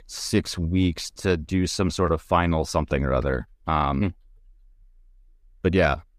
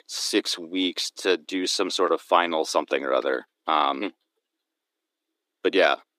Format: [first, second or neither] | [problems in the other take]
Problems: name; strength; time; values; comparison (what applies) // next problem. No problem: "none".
first | thin; somewhat; fading below 300 Hz